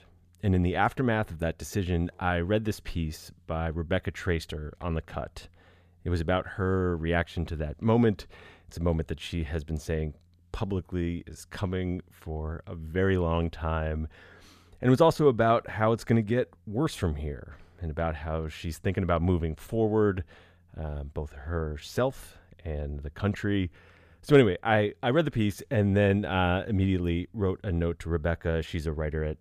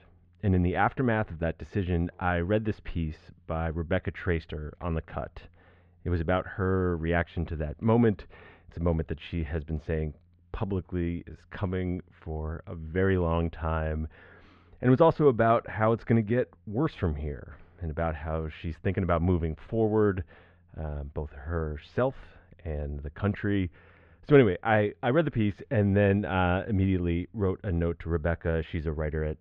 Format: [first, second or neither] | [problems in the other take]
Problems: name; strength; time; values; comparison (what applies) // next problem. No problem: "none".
first | muffled; very; fading above 2.5 kHz